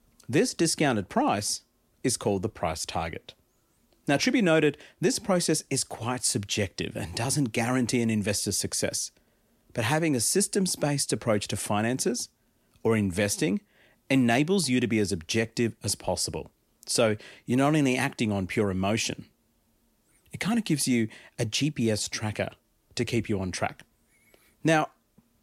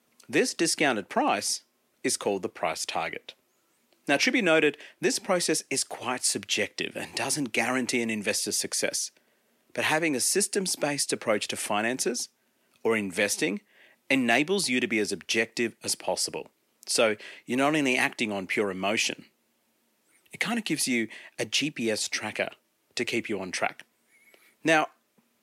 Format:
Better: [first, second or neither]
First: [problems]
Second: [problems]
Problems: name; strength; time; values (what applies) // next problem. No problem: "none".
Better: first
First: none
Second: thin; very slightly; fading below 250 Hz